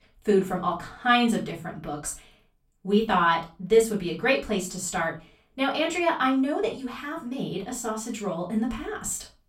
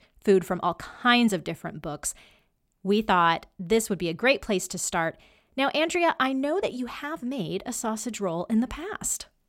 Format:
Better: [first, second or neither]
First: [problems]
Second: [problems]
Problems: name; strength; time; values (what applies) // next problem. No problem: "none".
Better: second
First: off-mic speech; far // room echo; very slight; dies away in 0.3 s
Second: none